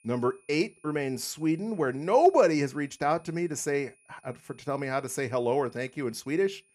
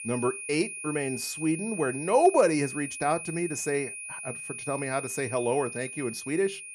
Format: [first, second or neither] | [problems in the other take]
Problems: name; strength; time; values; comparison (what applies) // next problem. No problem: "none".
first | high-pitched whine; loud; throughout; 2.5 kHz, 8 dB below the speech; faint in the first